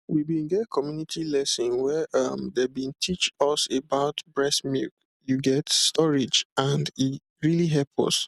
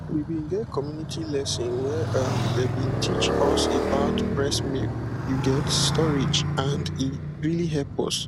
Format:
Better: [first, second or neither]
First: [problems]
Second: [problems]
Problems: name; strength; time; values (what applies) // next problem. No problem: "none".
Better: first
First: none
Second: background sound (Motorcycle); 1 dB above the speech